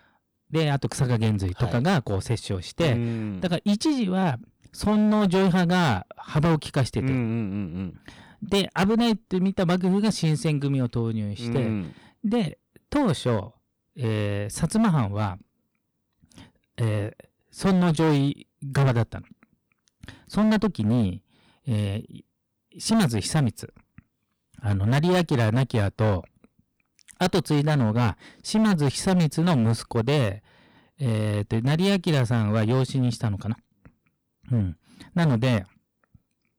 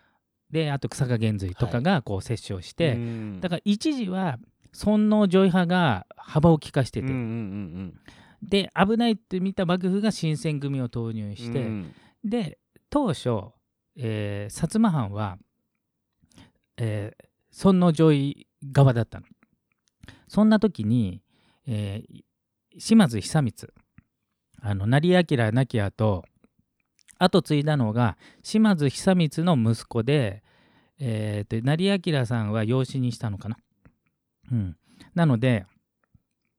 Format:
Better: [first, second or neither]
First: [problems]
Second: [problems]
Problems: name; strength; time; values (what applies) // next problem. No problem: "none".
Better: second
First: distortion; heavy; 11% of the sound clipped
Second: none